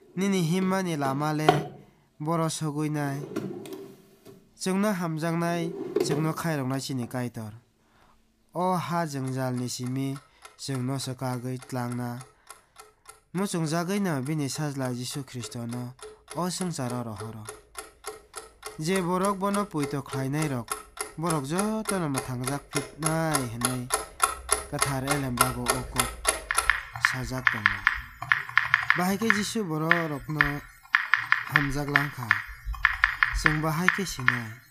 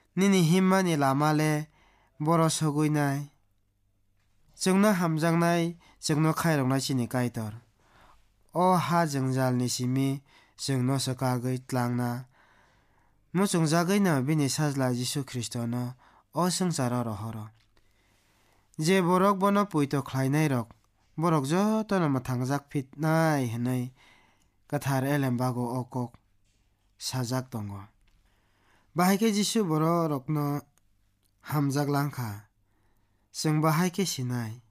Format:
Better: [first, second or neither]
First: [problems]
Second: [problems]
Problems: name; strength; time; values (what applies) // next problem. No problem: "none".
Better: second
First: household noises; very loud; throughout; 3 dB above the speech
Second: none